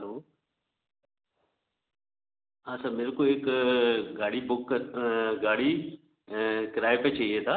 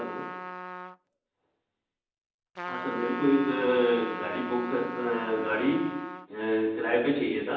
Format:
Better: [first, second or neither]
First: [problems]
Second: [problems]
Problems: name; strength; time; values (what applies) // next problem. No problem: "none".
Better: first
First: none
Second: background sound (Trumpet); 10 dB below the speech // room echo; dies away in 0.9 s